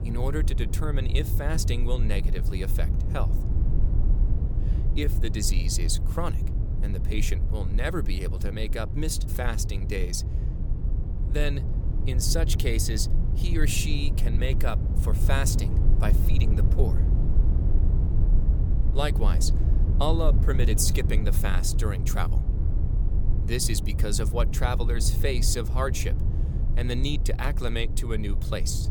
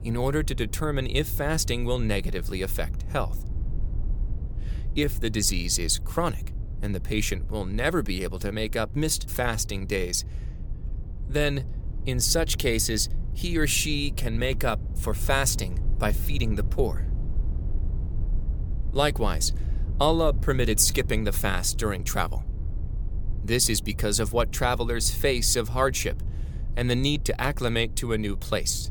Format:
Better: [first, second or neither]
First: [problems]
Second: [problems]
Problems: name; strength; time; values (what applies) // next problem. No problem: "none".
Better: second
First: low rumble; loud; throughout; 9 dB below the speech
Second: low rumble; faint; throughout; 20 dB below the speech